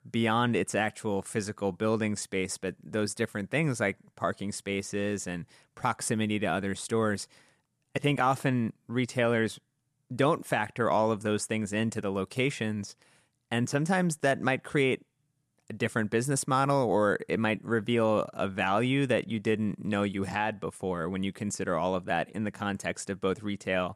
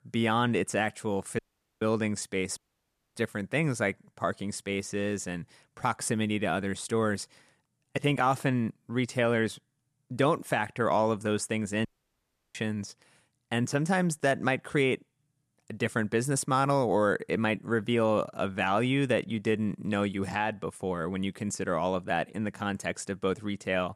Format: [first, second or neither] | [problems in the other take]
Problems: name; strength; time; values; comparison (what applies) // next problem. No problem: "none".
first | audio cutting out; at 1.5 s, at 2.5 s for 0.5 s and at 12 s for 0.5 s